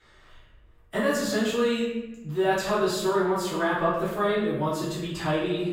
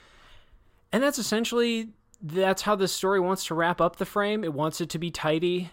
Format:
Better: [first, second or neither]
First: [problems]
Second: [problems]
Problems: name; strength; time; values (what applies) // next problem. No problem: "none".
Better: second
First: off-mic speech; far // room echo; noticeable; dies away in 1 s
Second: none